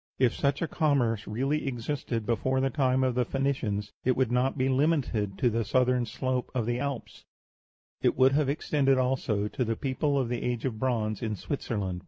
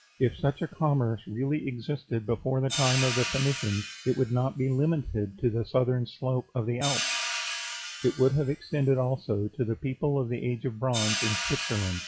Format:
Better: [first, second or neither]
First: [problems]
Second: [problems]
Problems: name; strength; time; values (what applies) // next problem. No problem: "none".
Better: first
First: none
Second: noise reduction (classical method log-MMSE)